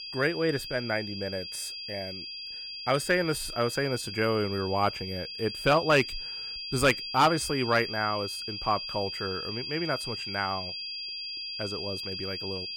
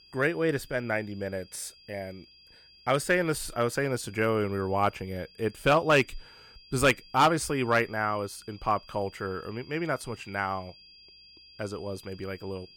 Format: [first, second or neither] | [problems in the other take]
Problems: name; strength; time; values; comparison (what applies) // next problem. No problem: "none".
second | high-pitched whine; loud; throughout; 5 kHz, 6 dB below the speech; faint in the second